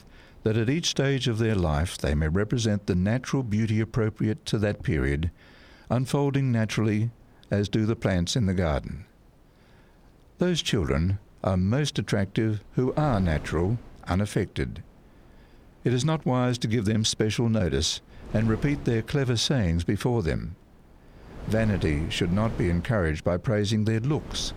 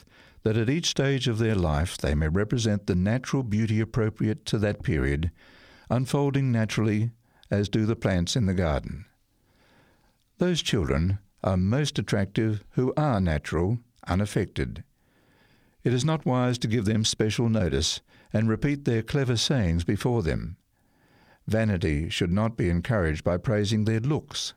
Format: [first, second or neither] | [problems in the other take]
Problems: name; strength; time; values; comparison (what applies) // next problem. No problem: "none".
second | wind noise on the microphone; occasional gusts; 20 dB below the speech